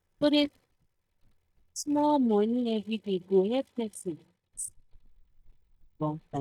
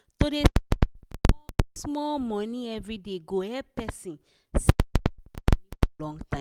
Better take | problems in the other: second | noise reduction (neural mask model DeepFilterNet 3)

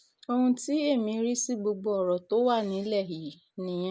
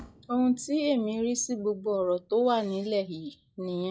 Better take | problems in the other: first | noise reduction (classical method log-MMSE)

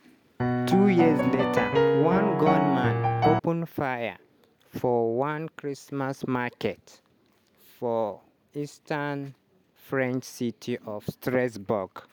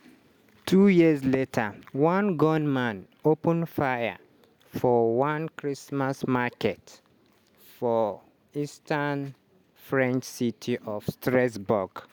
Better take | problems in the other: second | background sound (Piano); 5 dB above the speech

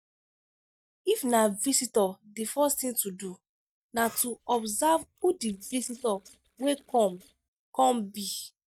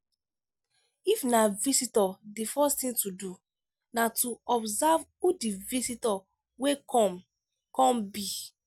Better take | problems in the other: second | noise reduction (neural mask model DeepFilterNet 3)

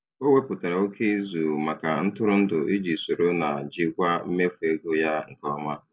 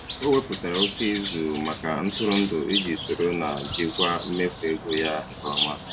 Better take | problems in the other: first | background sound (Bird); 6 dB below the speech

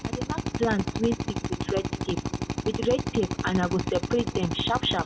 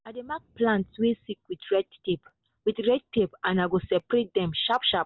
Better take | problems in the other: second | background sound (Drill); 2 dB below the speech // room echo; dies away in 0.9 s

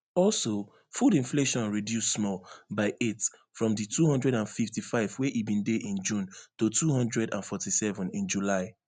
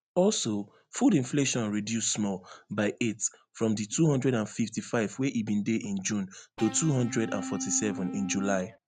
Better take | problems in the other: first | background sound (Electric guitar / Bass guitar); 9 dB below the speech

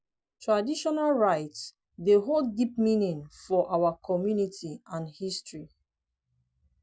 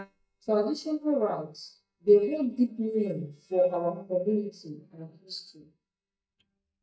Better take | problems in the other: first | noise reduction (neural mask model DeepFilterNet 3)

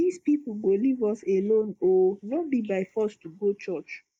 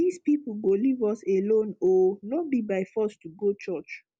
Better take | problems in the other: second | noise reduction (neural mask model Resemble Enhance denoiser)

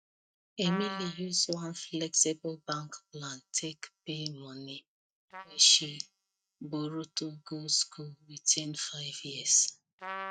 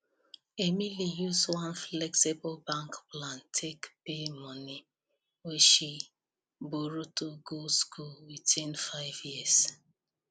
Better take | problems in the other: second | noise reduction (neural mask model DeepFilterNet 3)

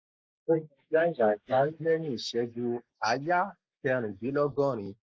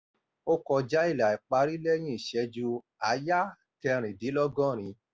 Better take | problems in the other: second | noise reduction (neural mask model Resemble Enhance denoiser)

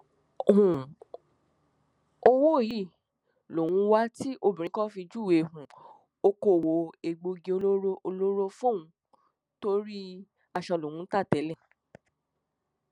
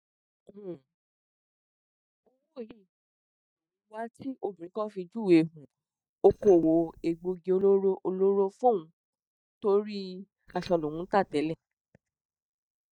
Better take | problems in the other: first | noise reduction (neural mask model DeepFilterNet 3)

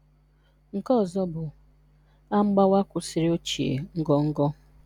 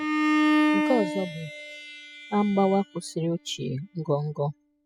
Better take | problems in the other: first | noise reduction (classical method spectral subtraction)

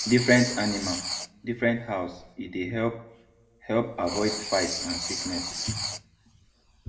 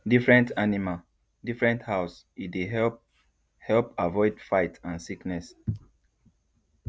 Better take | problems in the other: second | background sound (Writing); 7 dB below the speech // room echo; dies away in 0.6 s

